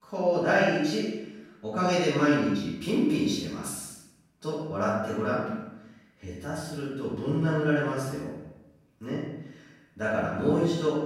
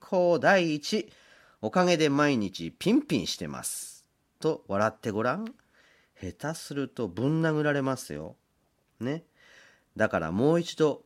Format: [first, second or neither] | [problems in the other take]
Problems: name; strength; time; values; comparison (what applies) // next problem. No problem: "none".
second | off-mic speech; far // room echo; strong; dies away in 0.8 s